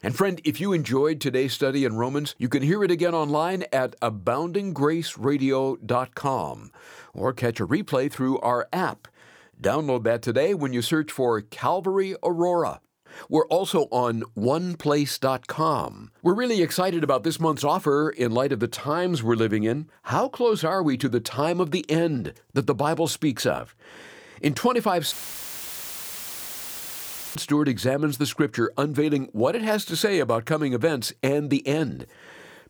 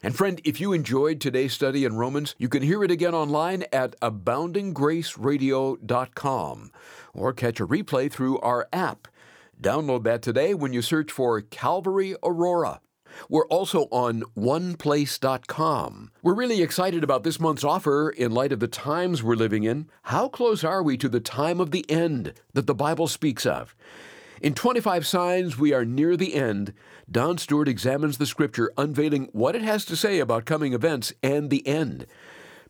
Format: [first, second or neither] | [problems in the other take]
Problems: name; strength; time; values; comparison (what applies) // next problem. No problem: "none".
second | audio cutting out; filled with static; at 25 s for 2 s